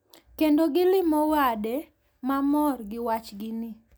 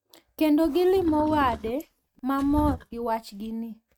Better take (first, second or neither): first